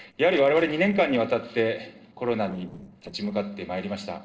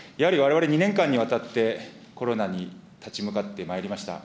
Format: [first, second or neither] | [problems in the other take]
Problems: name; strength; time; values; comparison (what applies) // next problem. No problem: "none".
second | noise reduction (neural separator model SepFormer DNS4)